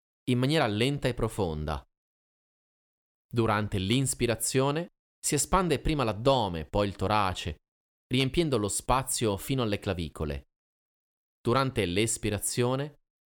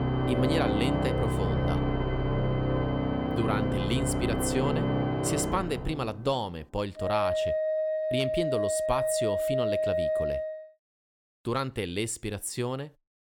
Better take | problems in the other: first | background music; very loud; until 10 s; 3 dB above the speech

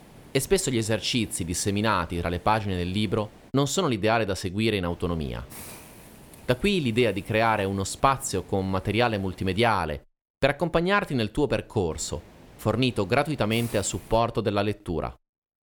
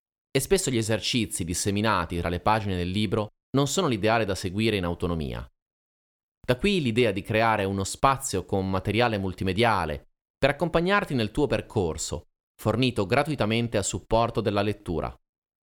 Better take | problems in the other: second | hiss; faint; until 3.5 s, from 5 to 9.5 s and from 12 to 14 s; 20 dB below the speech

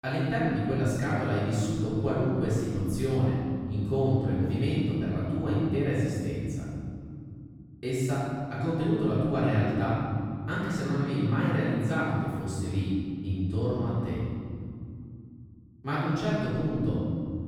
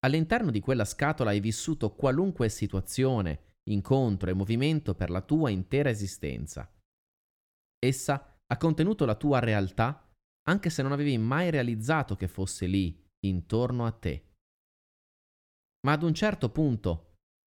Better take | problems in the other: second | room echo; strong; dies away in 2.8 s // off-mic speech; far

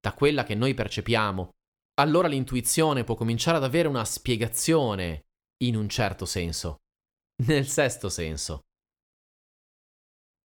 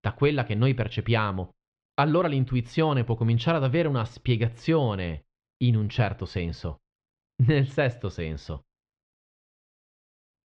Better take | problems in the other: first | muffled; slightly; fading above 3.5 kHz

